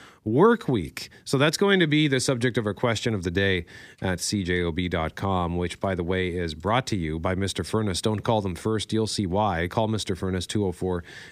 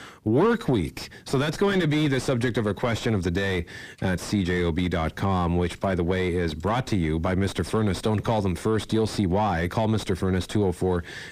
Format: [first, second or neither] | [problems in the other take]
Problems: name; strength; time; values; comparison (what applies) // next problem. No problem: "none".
first | distortion; heavy; 6 dB below the speech